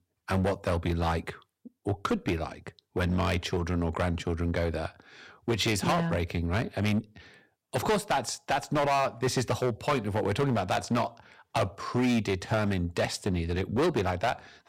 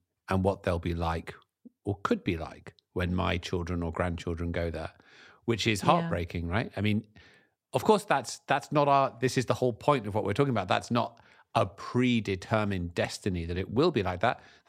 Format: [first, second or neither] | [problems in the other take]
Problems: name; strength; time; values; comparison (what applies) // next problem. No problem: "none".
second | distortion; heavy; 9% of the sound clipped